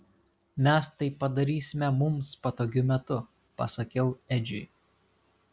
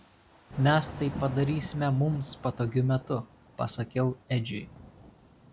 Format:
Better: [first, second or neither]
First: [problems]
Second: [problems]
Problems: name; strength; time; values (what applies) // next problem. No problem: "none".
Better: first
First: none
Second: background sound (Thunder / Rain); 14 dB below the speech